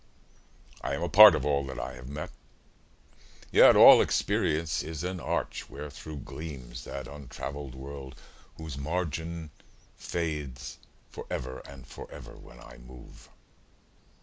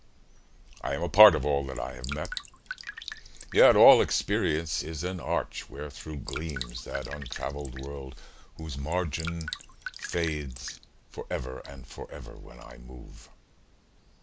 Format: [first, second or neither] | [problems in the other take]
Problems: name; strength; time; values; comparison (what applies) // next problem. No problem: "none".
first | background sound (Drip); 12 dB below the speech